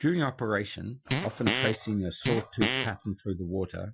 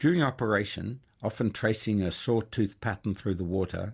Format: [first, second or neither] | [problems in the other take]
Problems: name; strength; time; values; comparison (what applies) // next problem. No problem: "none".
second | noise reduction (classical method Wiener filter)